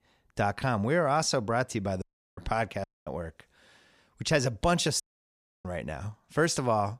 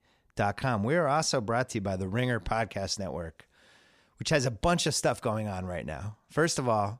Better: second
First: audio cutting out; at 2 s, at 3 s and at 5 s for 0.5 s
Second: none

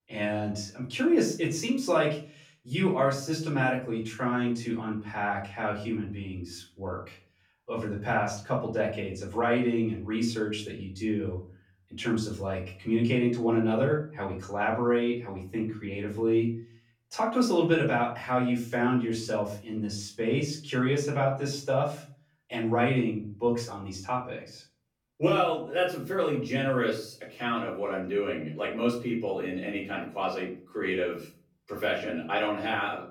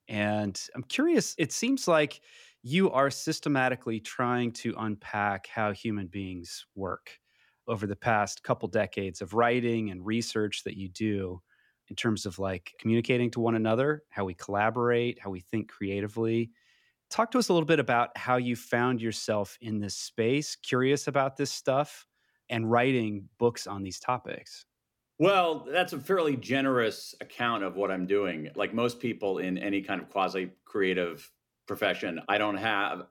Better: second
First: off-mic speech; far // room echo; slight; dies away in 0.4 s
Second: none

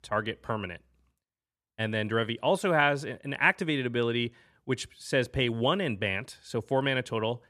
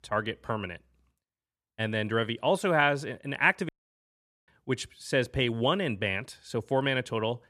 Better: first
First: none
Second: audio cutting out; at 3.5 s for 1 s

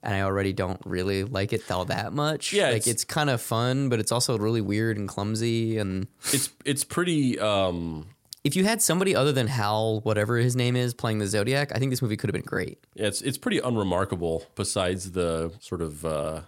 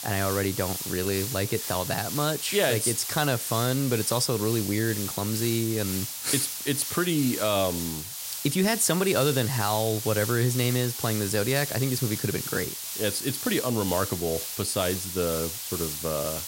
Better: first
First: none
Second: hiss; loud; throughout; 4 dB below the speech

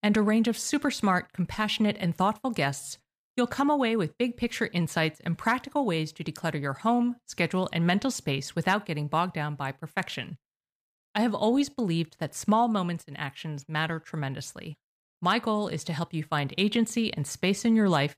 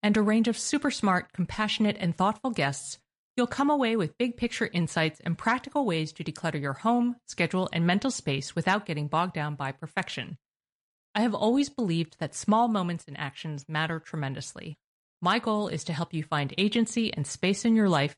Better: first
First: none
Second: garbled, watery; slightly; nothing above 10.5 kHz

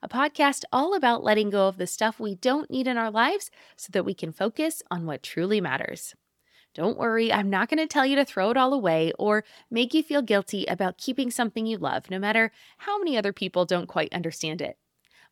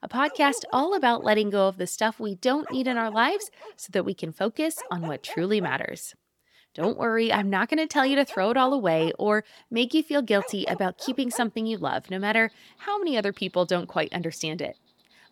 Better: first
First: none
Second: animal sounds; noticeable; throughout; 15 dB below the speech

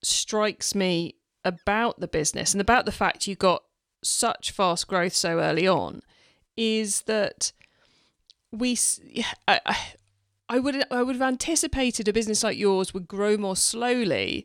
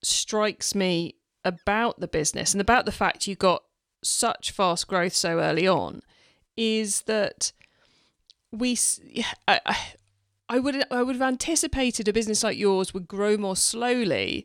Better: neither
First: none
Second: none

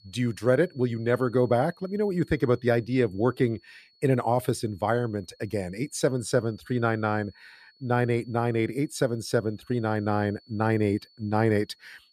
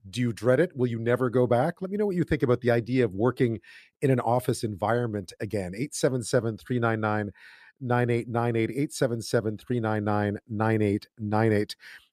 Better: second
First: high-pitched whine; faint; throughout; 4.5 kHz, 30 dB below the speech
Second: none

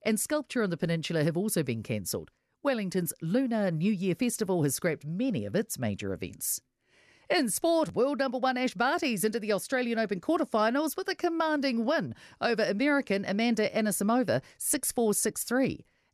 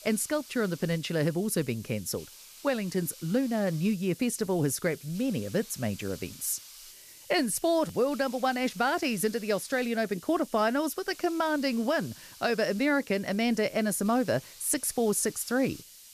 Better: first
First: none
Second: hiss; noticeable; throughout; 20 dB below the speech

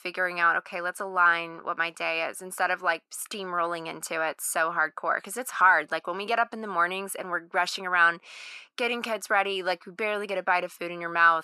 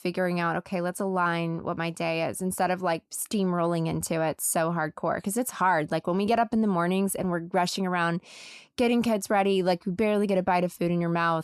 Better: second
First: thin; very; fading below 400 Hz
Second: none

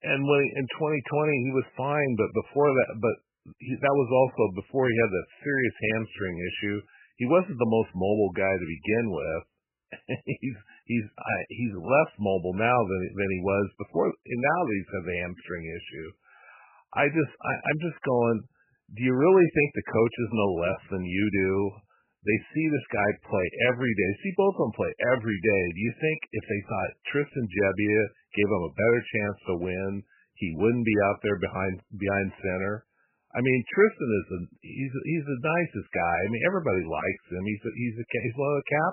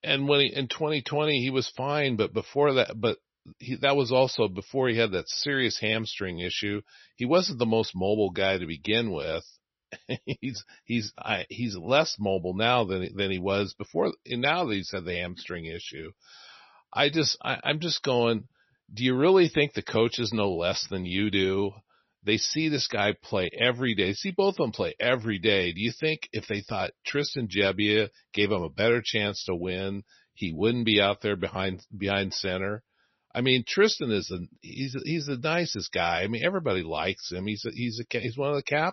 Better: second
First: garbled, watery; badly; nothing above 2.5 kHz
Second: garbled, watery; slightly; nothing above 6 kHz

